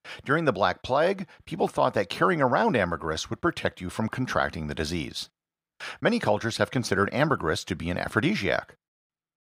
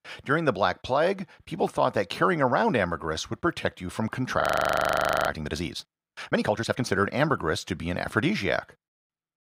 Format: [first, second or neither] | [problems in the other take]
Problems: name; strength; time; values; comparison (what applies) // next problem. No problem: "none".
first | audio freezing; at 4.5 s for 1 s